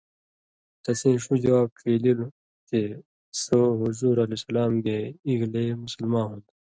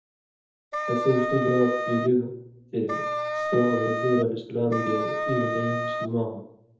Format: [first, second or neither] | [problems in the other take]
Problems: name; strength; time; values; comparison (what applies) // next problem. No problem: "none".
first | background sound (Wind instrument, woodwind instrument); 2 dB below the speech // room echo; dies away in 0.7 s